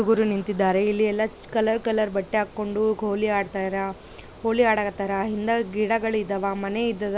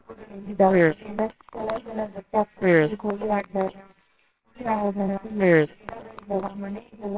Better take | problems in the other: first | noise reduction (neural separator model SepFormer WHAMR!)

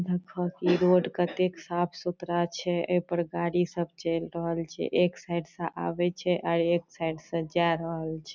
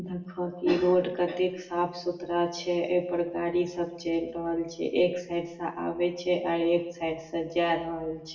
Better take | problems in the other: first | room echo; dies away in 0.9 s

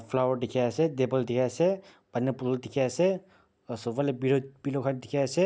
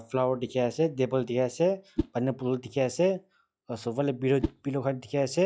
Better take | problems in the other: first | noise reduction (classical method log-MMSE)

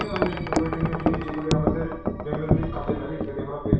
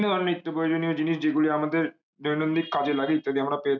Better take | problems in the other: second | background sound (Wind chime); 5 dB above the speech // room echo; dies away in 0.6 s

